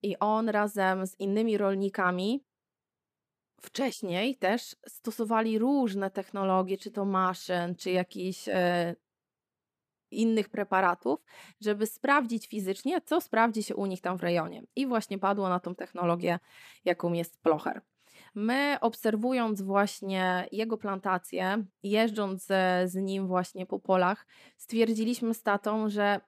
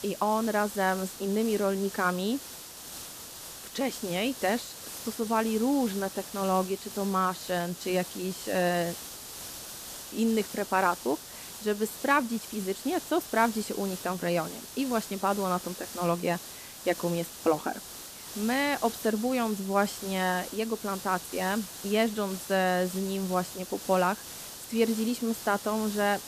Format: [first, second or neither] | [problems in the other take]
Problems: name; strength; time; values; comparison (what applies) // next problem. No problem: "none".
first | hiss; noticeable; throughout; 10 dB below the speech